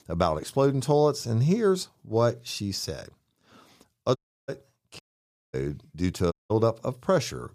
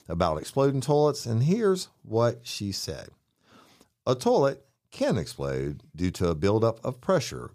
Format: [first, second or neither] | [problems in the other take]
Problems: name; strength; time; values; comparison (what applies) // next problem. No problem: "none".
second | audio cutting out; at 4 s, at 5 s for 0.5 s and at 6.5 s